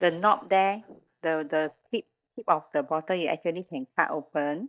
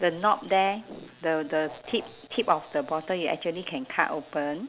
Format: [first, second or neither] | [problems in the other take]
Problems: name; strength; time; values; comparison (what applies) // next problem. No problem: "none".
second | noise reduction (neural mask model DeepFilterNet 3)